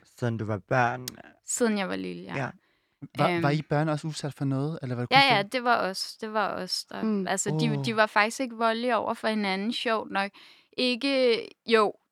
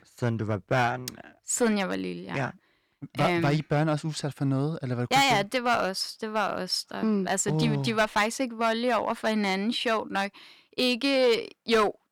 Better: first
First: none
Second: distortion; slight; 3% of the sound clipped

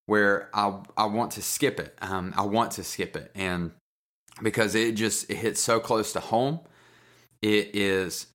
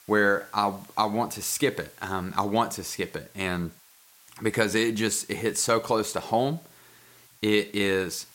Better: first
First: none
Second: hiss; faint; throughout; 25 dB below the speech

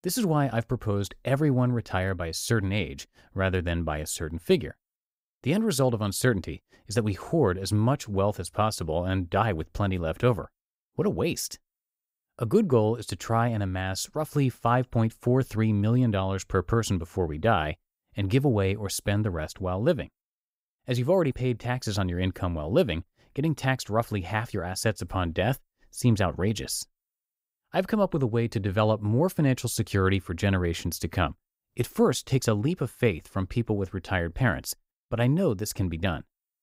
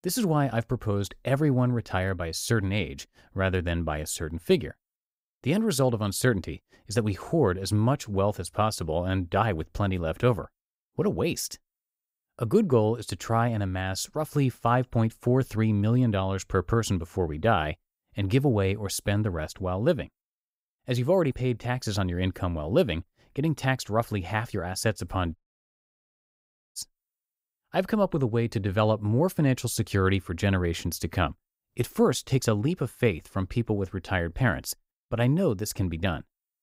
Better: first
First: none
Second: audio cutting out; at 25 s for 1.5 s

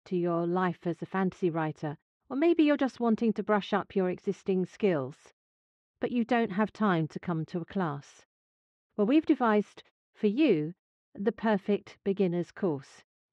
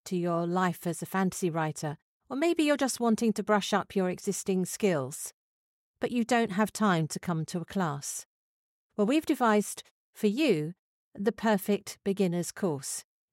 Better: second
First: muffled; very; fading above 3.5 kHz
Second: none

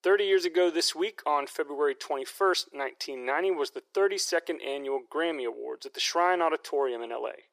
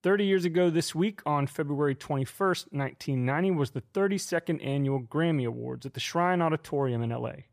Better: second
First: thin; very; fading below 350 Hz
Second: none

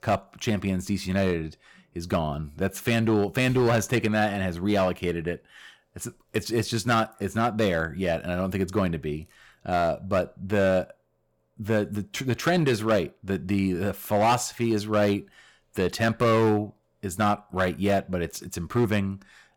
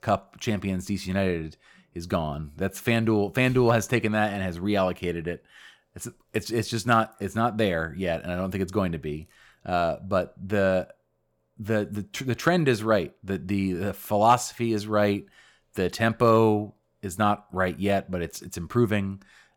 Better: second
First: distortion; slight; 5% of the sound clipped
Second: none

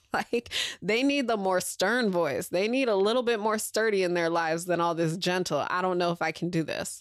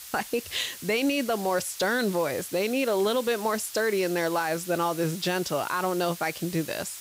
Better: first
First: none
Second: hiss; noticeable; throughout; 10 dB below the speech

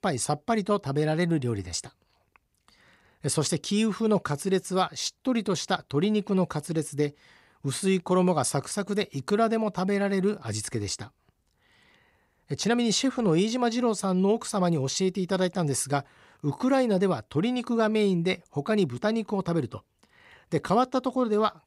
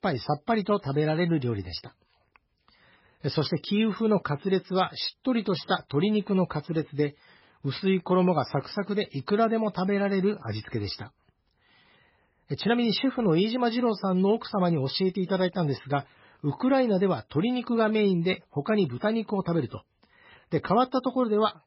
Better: first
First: none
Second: garbled, watery; badly; nothing above 5.5 kHz

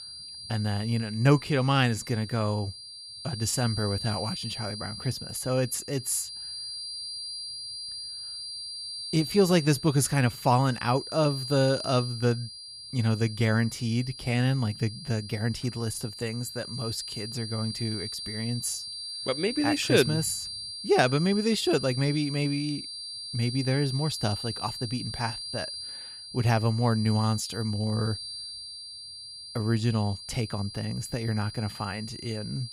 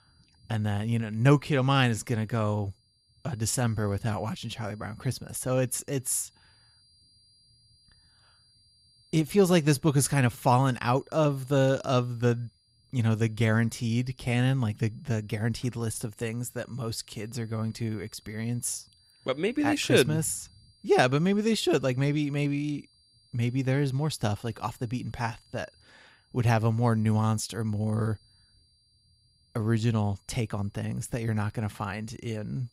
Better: second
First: high-pitched whine; loud; throughout; 4.5 kHz, 8 dB below the speech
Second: high-pitched whine; faint; throughout; 4.5 kHz, 35 dB below the speech

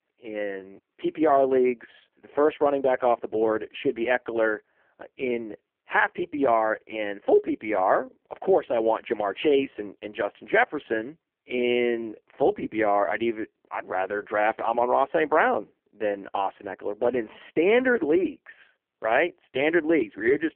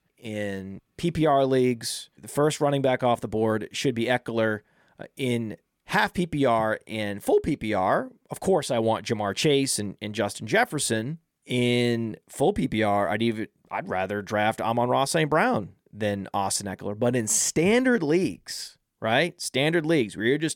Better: second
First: phone-call audio; poor line; nothing above 3 kHz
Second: none

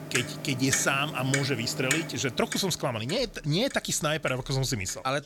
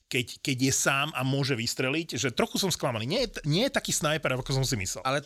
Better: second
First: household noises; loud; throughout; 6 dB below the speech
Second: none

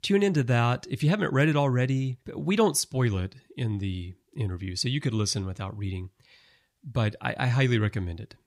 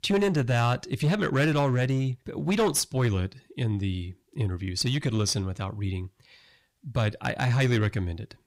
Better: first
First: none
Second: distortion; slight; 9% of the sound clipped

